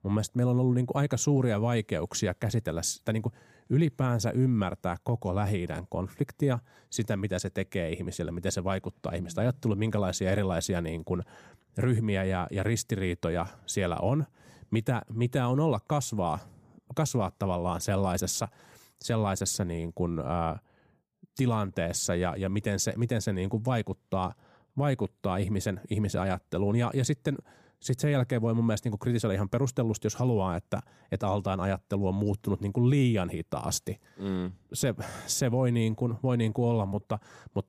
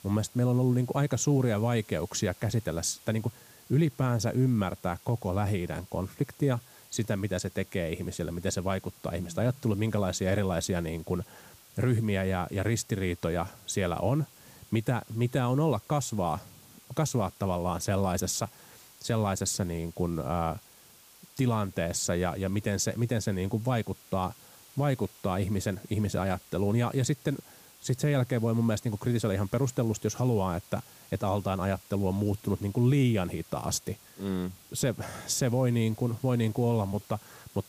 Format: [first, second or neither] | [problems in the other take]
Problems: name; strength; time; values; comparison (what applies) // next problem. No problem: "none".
first | hiss; faint; throughout; 20 dB below the speech